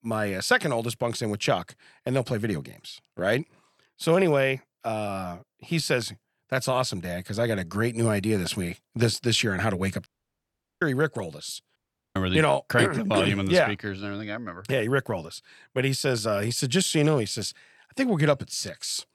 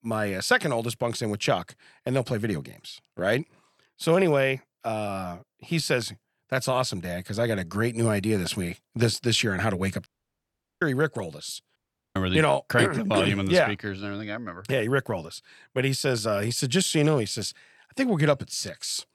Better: neither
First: audio cutting out; at 10 s for 1 s and at 12 s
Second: audio cutting out; at 10 s for 1 s and at 12 s

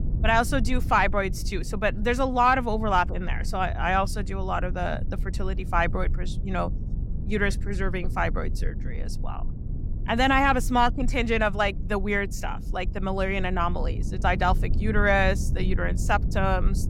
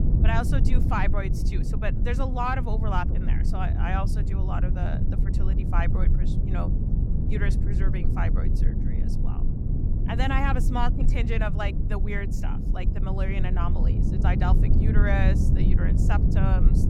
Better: first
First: low rumble; faint; throughout; 20 dB below the speech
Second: low rumble; loud; throughout; 6 dB below the speech

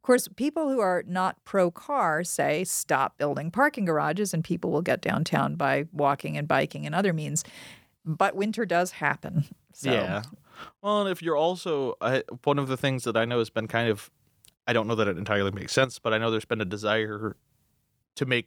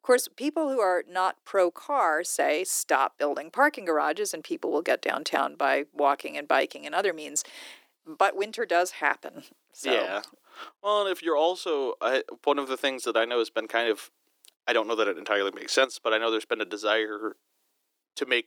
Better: first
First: none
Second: thin; somewhat; fading below 300 Hz

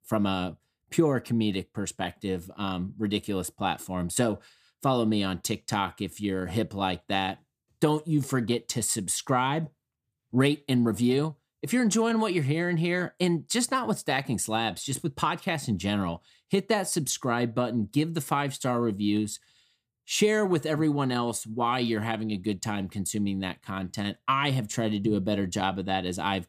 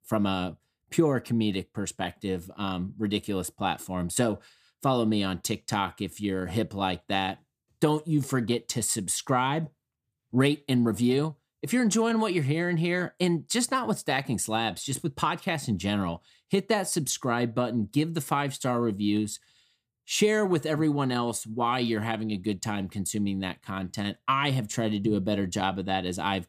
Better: neither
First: none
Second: none

